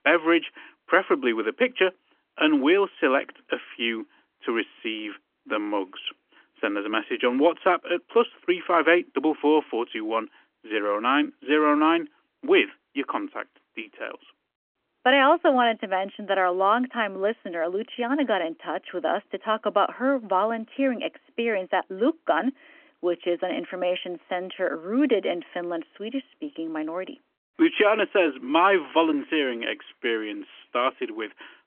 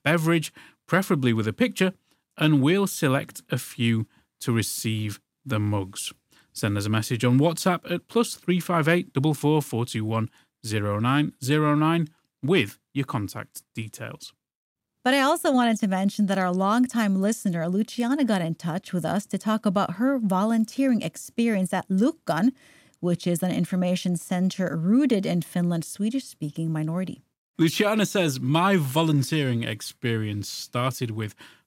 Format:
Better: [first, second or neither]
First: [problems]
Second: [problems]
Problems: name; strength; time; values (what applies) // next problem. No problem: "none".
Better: second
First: phone-call audio; nothing above 3.5 kHz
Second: none